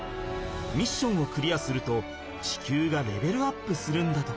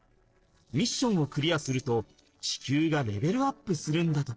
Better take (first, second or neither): first